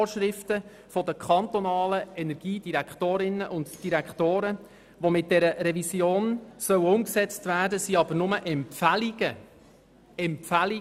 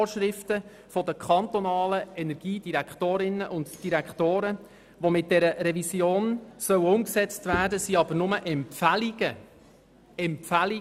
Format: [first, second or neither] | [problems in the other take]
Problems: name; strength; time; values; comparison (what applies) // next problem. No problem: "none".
first | background sound (Bowed string instrument); 14 dB below the speech